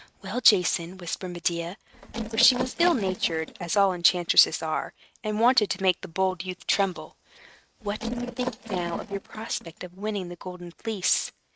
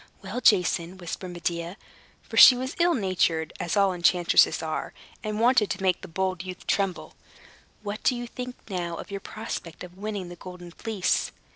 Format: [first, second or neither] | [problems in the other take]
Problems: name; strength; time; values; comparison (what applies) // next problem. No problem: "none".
second | noise reduction (neural mask model RNNoise)